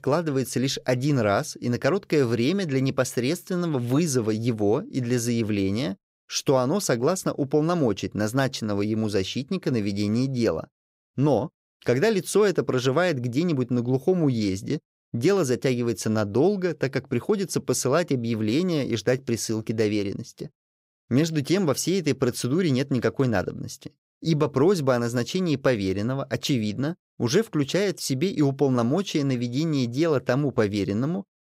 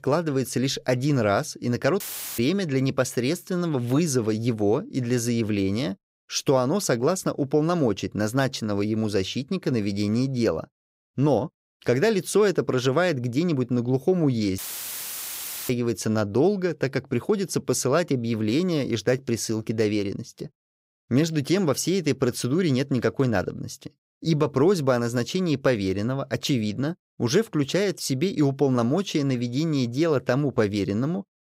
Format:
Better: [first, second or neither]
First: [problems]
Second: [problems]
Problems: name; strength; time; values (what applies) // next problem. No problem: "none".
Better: first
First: none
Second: audio cutting out; filled with static; at 2 s and at 15 s for 1 s